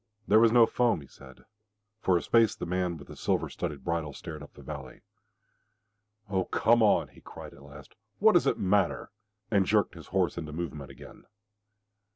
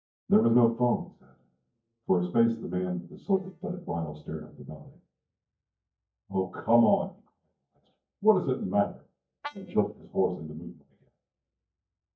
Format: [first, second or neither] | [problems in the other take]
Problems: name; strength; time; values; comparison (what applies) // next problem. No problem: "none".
first | noise reduction (neural mask model DeepFilterNet 3)